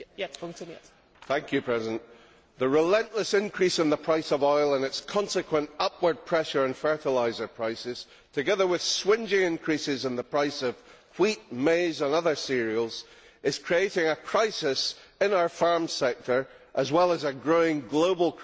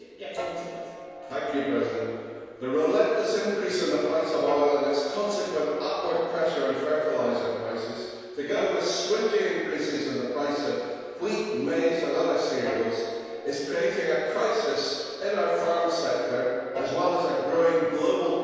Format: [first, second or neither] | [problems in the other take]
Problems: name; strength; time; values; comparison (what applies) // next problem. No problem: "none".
first | background sound (Piano); 16 dB below the speech // room echo; dies away in 1.9 s